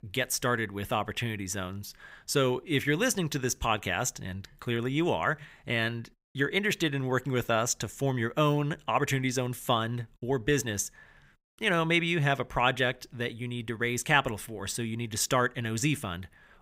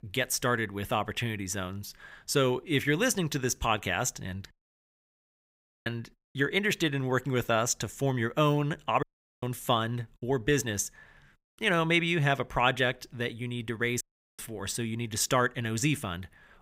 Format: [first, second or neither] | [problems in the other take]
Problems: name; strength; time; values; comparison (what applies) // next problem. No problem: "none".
first | audio cutting out; at 4.5 s for 1.5 s, at 9 s and at 14 s